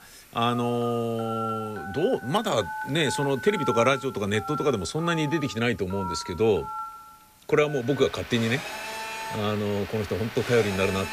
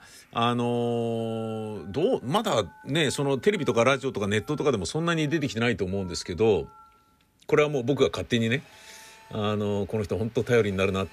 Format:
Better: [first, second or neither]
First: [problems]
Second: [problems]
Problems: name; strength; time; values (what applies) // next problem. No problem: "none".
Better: second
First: alarms or sirens; loud; throughout; 9 dB below the speech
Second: alarms or sirens; faint; throughout; 25 dB below the speech